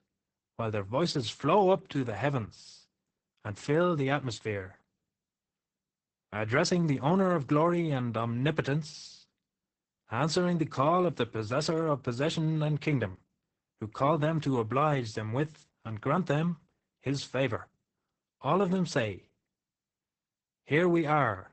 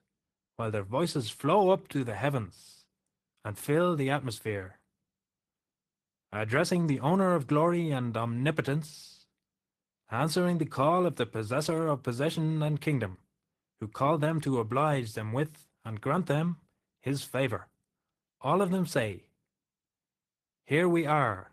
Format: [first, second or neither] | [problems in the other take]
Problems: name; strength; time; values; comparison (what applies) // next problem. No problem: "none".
second | garbled, watery; badly; nothing above 8 kHz; slightly in the second